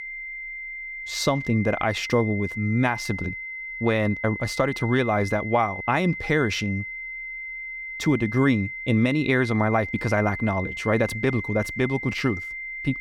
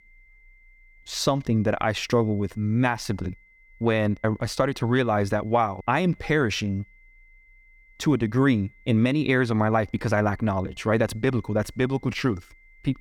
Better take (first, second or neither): second